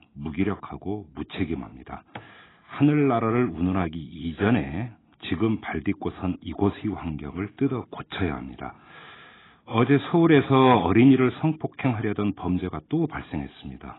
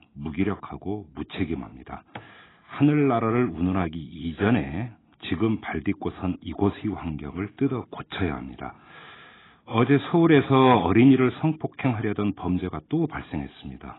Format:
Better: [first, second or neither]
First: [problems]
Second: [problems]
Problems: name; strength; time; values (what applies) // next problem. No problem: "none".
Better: neither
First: garbled, watery; badly; nothing above 4 kHz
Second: garbled, watery; badly; nothing above 4 kHz